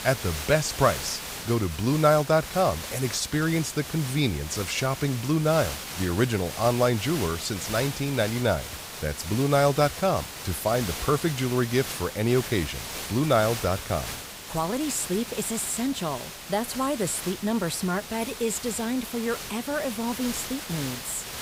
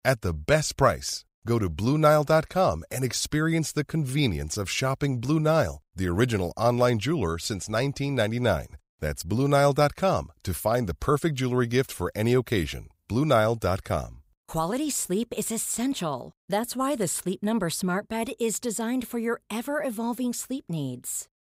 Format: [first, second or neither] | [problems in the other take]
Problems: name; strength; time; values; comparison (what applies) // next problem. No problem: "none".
second | hiss; loud; throughout; 8 dB below the speech